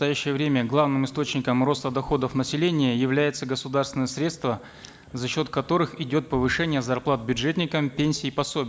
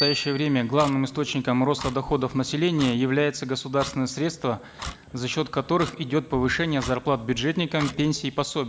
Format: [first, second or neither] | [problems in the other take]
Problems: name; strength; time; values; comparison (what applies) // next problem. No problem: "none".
first | background sound (Clock + Bicycle bell); 14 dB below the speech